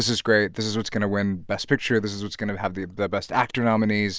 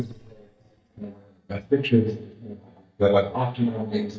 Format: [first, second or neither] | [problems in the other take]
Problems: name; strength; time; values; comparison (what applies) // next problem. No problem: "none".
first | noise reduction (neural mask model DeepFilterNet 3)